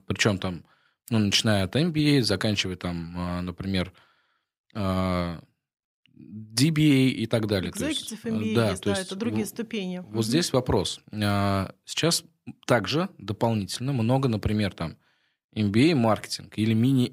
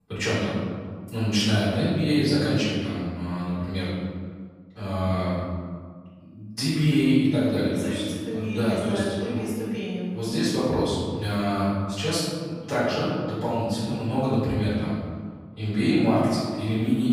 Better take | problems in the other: first | room echo; strong; dies away in 1.7 s // off-mic speech; far

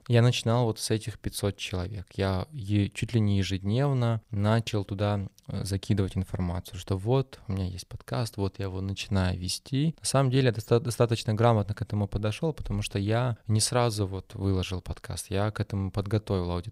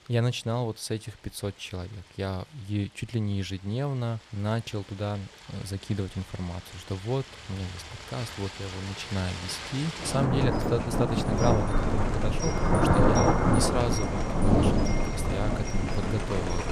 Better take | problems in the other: first | rain or running water; very loud; throughout; 4 dB above the speech

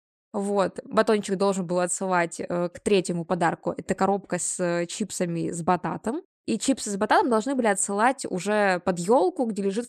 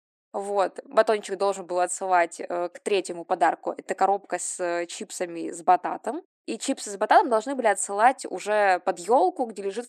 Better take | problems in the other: first | thin; somewhat; fading below 300 Hz

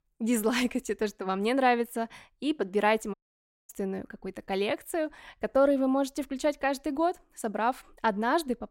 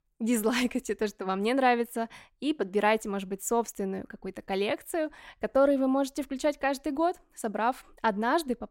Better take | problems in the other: second | audio cutting out; at 3 s for 0.5 s

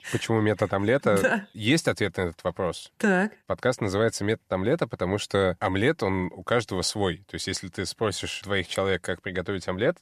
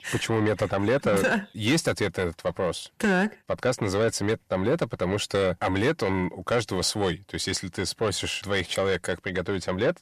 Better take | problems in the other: first | distortion; slight; 10 dB below the speech

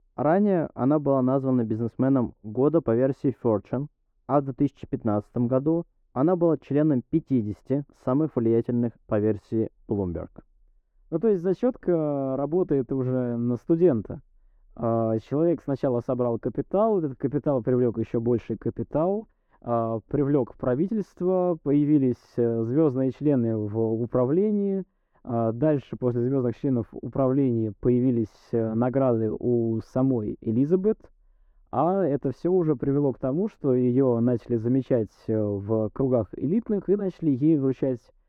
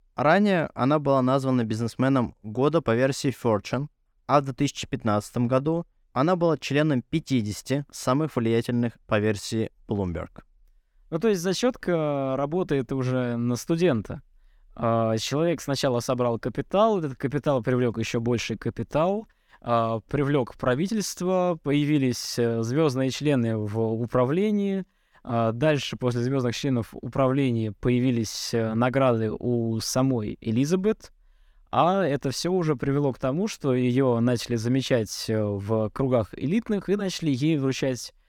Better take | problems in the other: second | muffled; very; fading above 2 kHz

